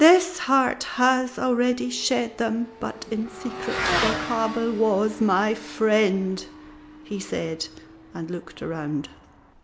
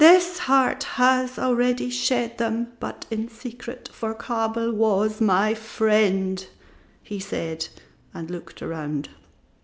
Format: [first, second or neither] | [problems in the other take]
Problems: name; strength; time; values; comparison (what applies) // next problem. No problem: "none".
second | background sound (Motorcycle / Accelerating, revving, vroom); 11 dB below the speech